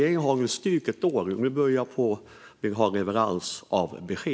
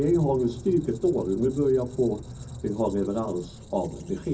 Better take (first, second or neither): first